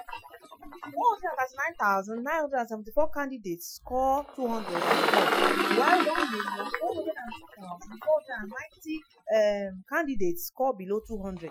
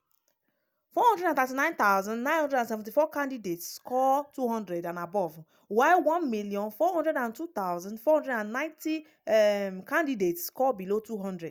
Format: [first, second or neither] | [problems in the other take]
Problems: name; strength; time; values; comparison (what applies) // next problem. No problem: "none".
second | noise reduction (classical method Wiener filter)